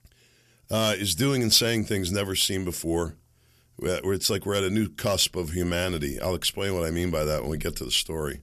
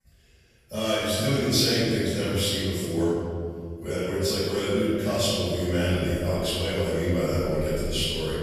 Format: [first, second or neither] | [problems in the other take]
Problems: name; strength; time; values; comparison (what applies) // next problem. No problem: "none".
first | off-mic speech; far // room echo; strong; dies away in 2.2 s